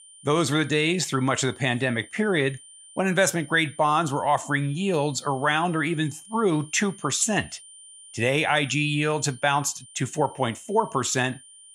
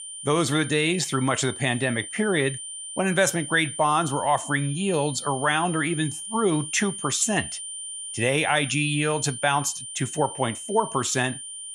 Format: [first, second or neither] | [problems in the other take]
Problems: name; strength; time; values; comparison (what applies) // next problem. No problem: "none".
first | high-pitched whine; loud; throughout; 9 kHz, 9 dB below the speech; faint in the first